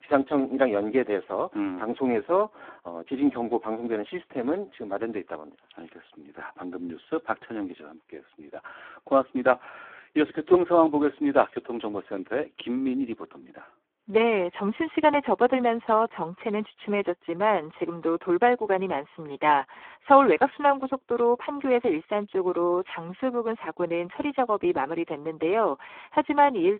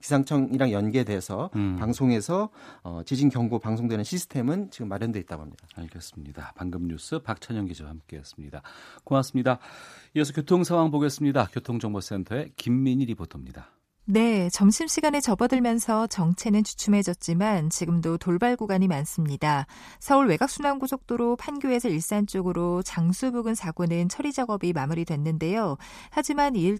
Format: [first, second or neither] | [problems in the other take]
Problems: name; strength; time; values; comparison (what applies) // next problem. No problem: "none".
second | phone-call audio; poor line